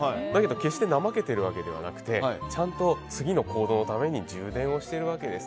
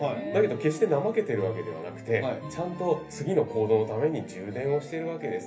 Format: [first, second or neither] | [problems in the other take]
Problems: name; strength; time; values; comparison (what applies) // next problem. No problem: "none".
first | room echo; dies away in 0.3 s